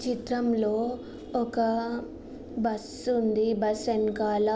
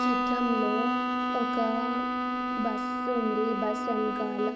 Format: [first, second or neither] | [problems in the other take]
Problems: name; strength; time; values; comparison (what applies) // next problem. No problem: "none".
first | noise reduction (neural mask model RNNoise)